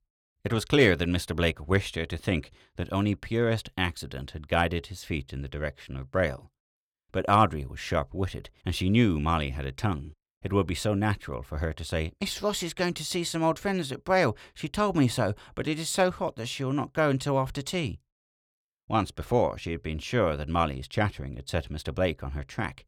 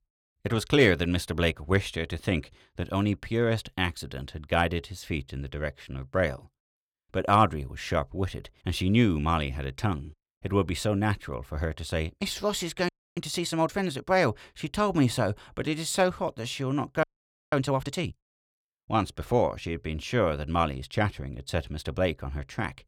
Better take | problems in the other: first | audio freezing; at 13 s and at 17 s

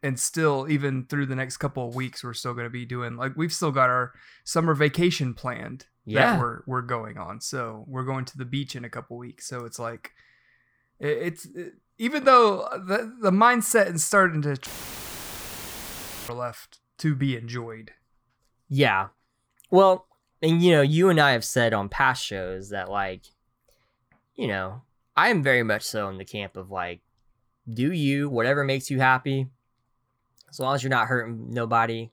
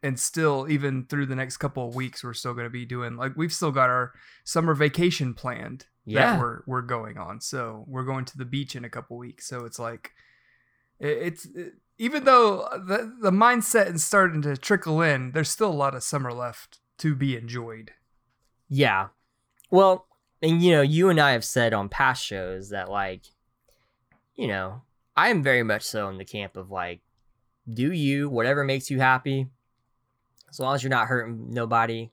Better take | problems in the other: second | audio cutting out; filled with static; at 15 s for 1.5 s

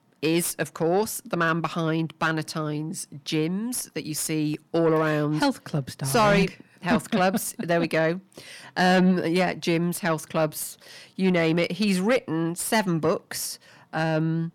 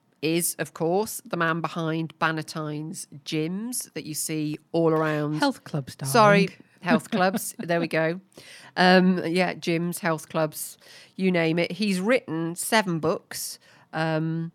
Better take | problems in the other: second | distortion; slight; 10 dB below the speech

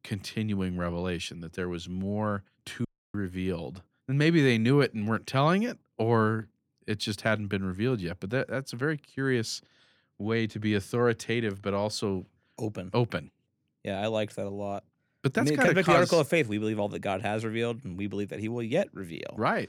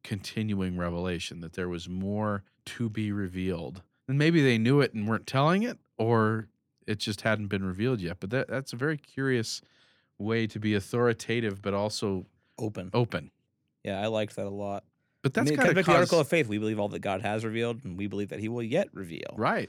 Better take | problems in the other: second | audio cutting out; at 3 s

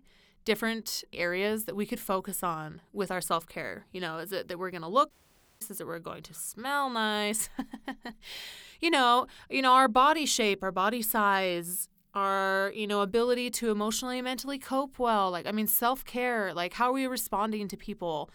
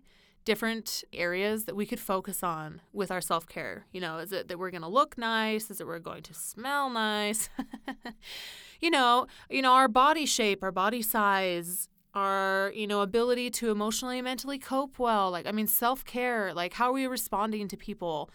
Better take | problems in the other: second | audio cutting out; at 5 s for 0.5 s

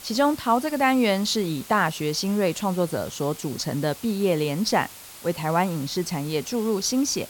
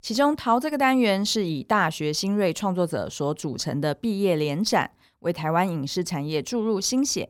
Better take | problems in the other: second | hiss; noticeable; throughout; 15 dB below the speech

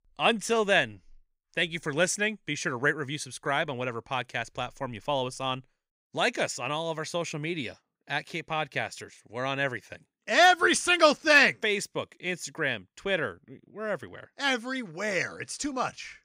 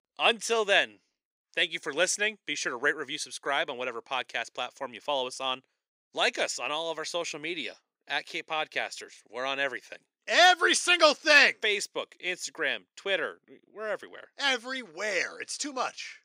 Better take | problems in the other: first | thin; somewhat; fading below 400 Hz

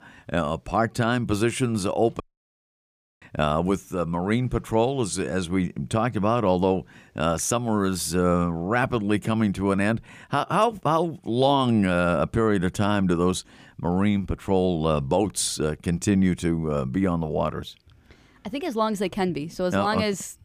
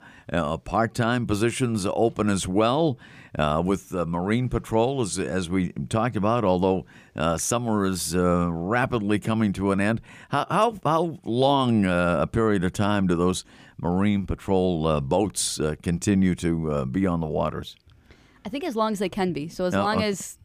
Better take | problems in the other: second | audio cutting out; at 2 s for 1 s

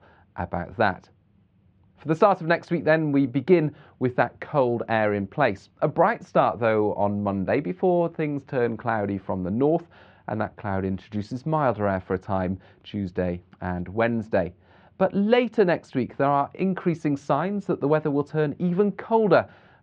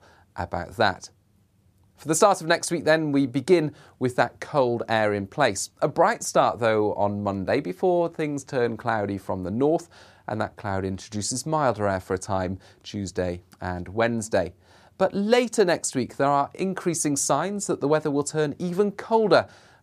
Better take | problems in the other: second | muffled; very; fading above 3 kHz

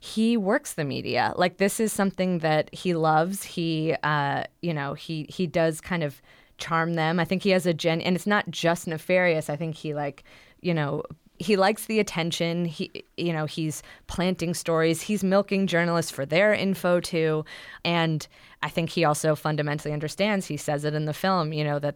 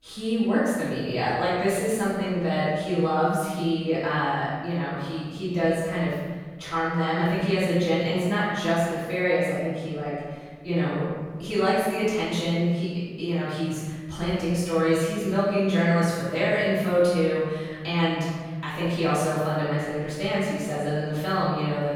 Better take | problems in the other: first | off-mic speech; far // room echo; strong; dies away in 1.4 s

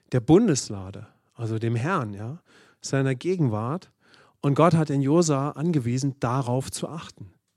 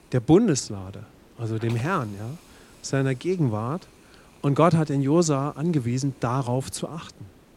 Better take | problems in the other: first | hiss; faint; throughout; 25 dB below the speech

